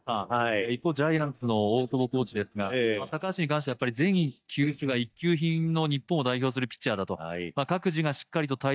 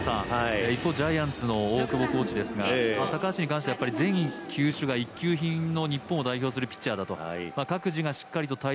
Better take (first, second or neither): second